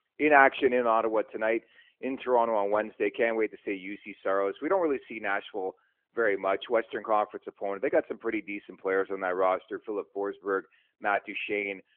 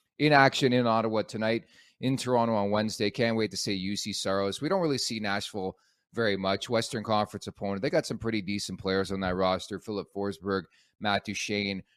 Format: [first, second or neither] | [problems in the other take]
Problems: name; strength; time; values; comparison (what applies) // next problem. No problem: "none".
second | phone-call audio; nothing above 3.5 kHz